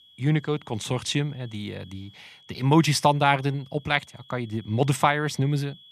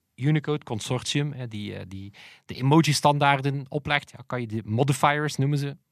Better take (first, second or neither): second